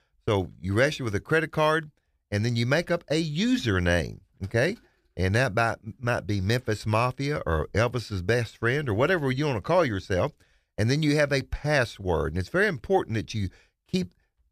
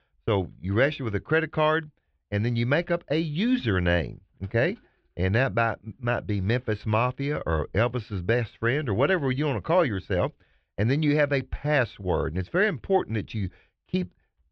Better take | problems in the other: first | muffled; slightly; fading above 3 kHz

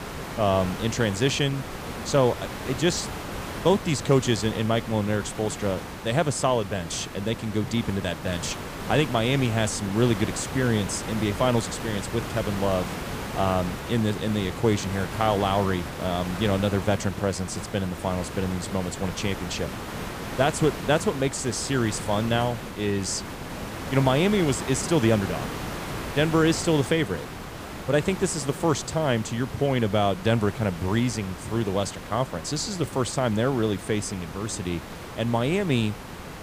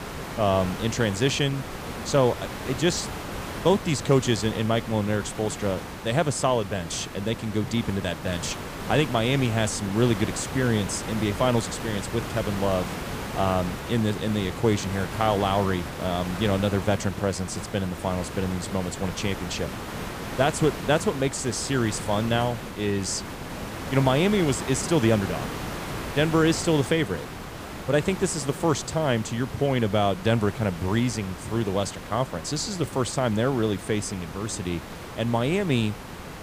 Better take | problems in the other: neither | hiss; loud; throughout; 9 dB below the speech; the same in both

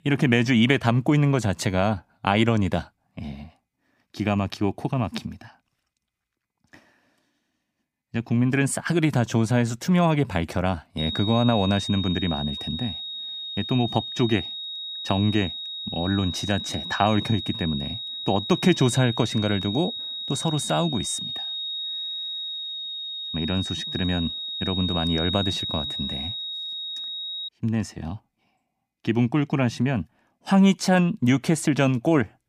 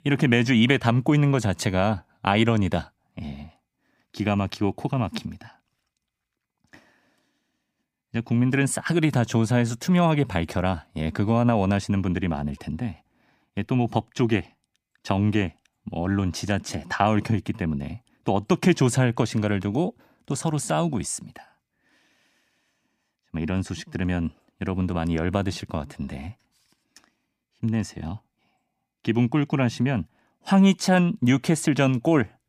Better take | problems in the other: second | high-pitched whine; loud; from 11 to 27 s; 4 kHz, 6 dB below the speech

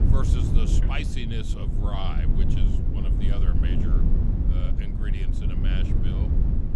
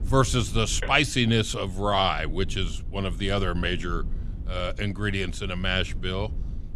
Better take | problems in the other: second | low rumble; loud; throughout; as loud as the speech; faint in the second

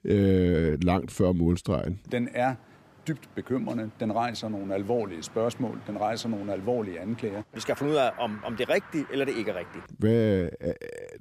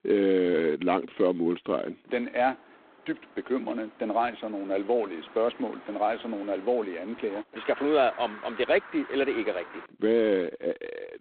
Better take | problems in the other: first | phone-call audio; poor line; nothing above 4 kHz

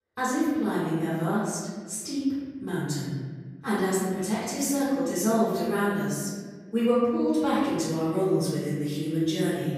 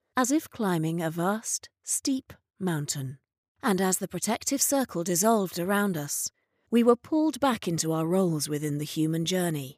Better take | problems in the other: second | off-mic speech; far // room echo; strong; dies away in 1.5 s

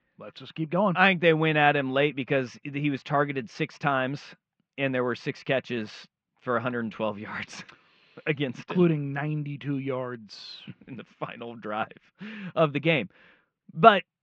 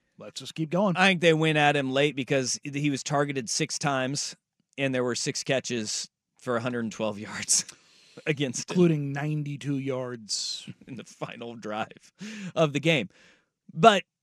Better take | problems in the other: second | muffled; very; fading above 3.5 kHz

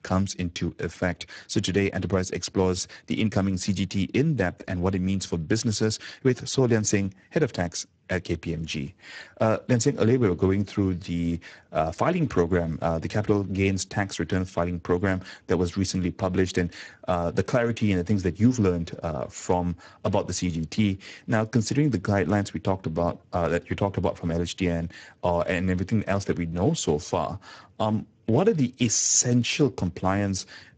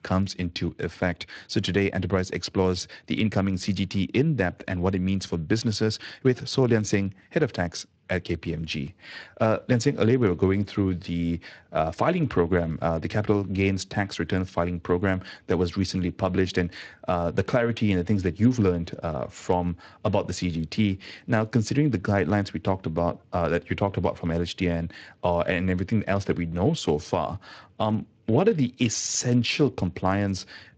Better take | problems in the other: second | garbled, watery; badly; nothing above 7.5 kHz; slightly in the second

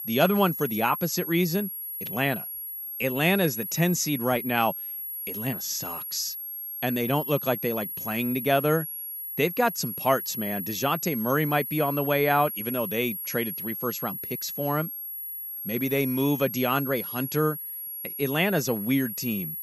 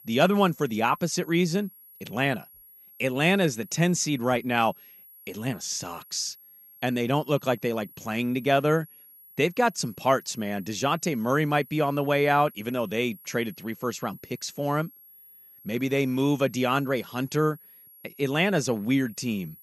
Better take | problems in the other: second | high-pitched whine; loud; throughout; 11.5 kHz, 5 dB below the speech; faint in the second

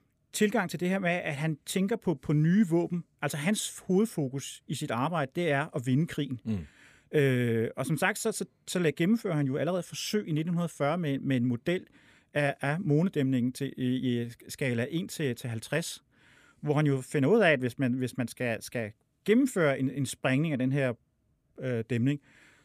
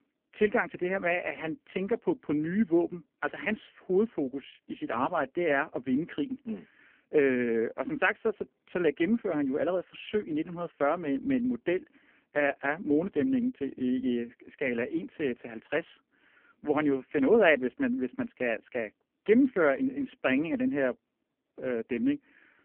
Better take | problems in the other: first | phone-call audio; poor line

